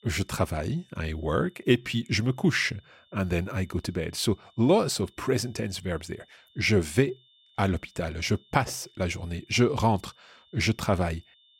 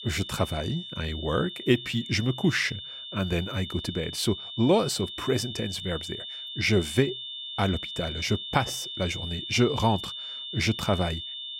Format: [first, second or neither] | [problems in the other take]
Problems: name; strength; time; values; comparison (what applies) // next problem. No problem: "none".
first | high-pitched whine; loud; throughout; 3.5 kHz, 8 dB below the speech; faint in the first